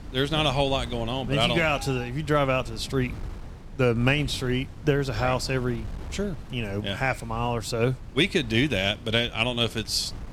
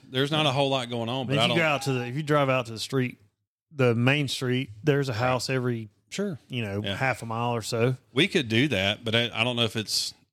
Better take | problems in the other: second | wind noise on the microphone; occasional gusts; 20 dB below the speech

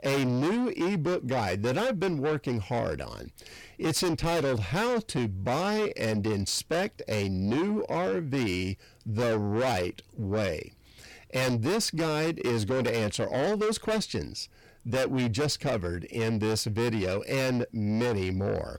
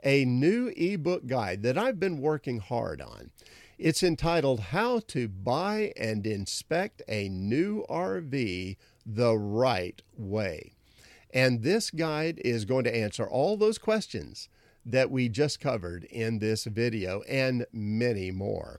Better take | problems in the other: second | distortion; heavy; 6 dB below the speech

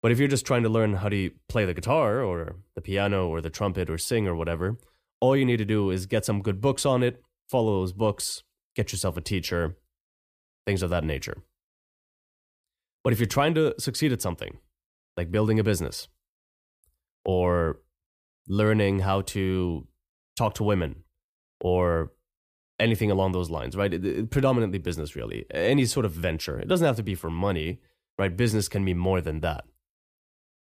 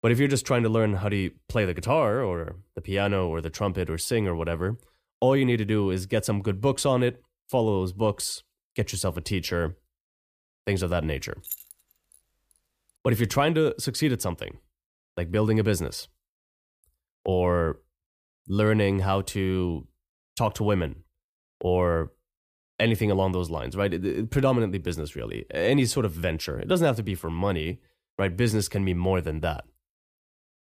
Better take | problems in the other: first | jangling keys; noticeable; at 11 s; peak 10 dB below the speech

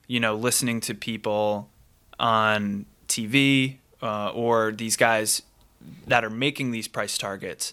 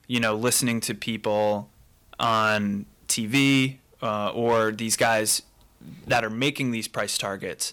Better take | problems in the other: first | distortion; slight; 3% of the sound clipped

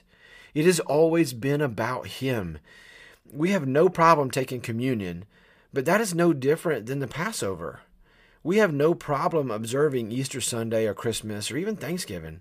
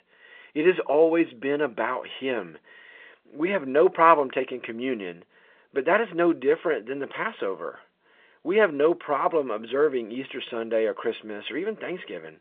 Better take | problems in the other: first | phone-call audio

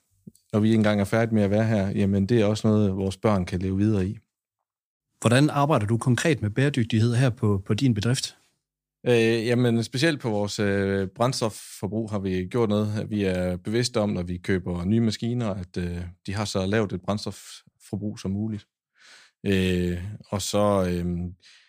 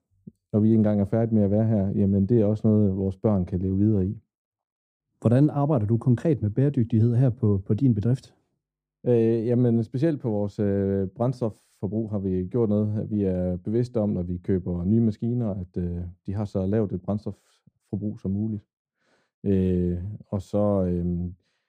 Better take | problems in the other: first | muffled; very; fading above 1 kHz

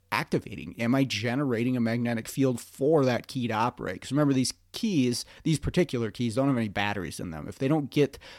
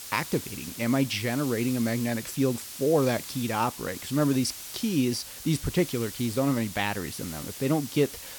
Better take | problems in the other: first | hiss; noticeable; throughout; 10 dB below the speech

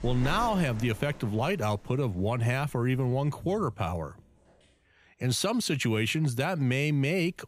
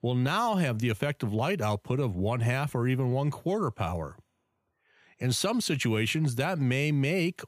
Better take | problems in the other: second | animal sounds; noticeable; throughout; 15 dB below the speech

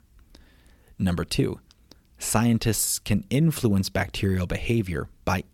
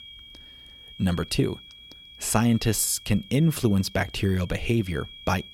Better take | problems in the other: first | high-pitched whine; noticeable; throughout; 3.5 kHz, 20 dB below the speech

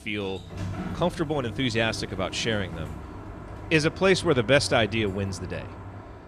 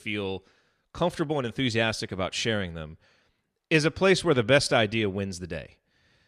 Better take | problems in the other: second | door banging; noticeable; peak 8 dB below the speech

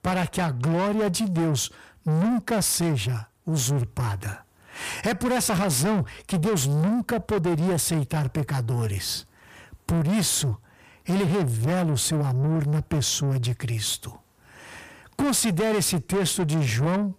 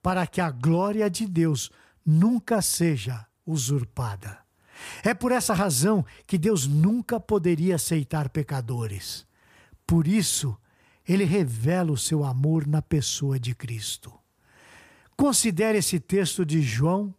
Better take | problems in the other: second | distortion; heavy; 8 dB below the speech

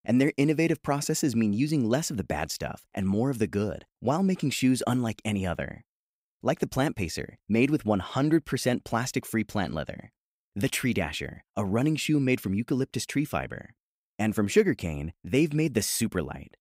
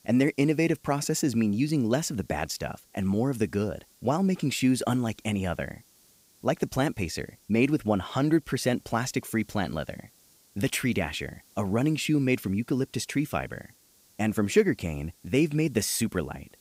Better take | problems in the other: first | hiss; faint; throughout; 30 dB below the speech

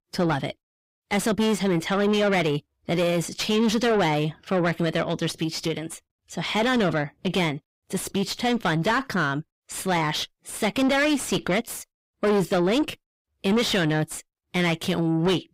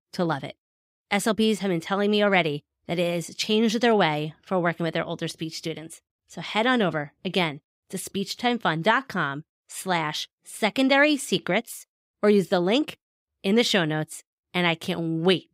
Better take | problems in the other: second | distortion; heavy; 7 dB below the speech

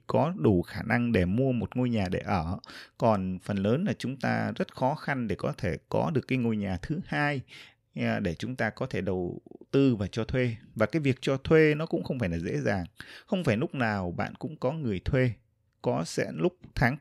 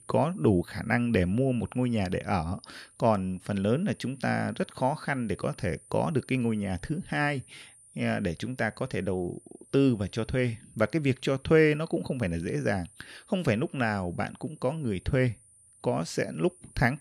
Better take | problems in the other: first | high-pitched whine; faint; throughout; 9 kHz, 25 dB below the speech

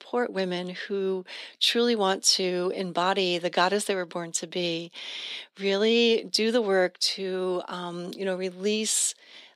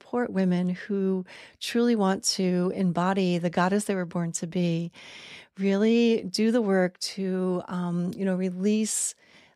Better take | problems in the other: second | thin; somewhat; fading below 300 Hz

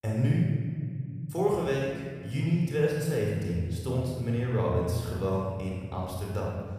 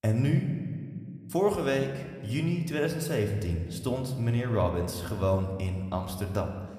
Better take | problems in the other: second | room echo; strong; dies away in 1.9 s; slight in the second // off-mic speech; far

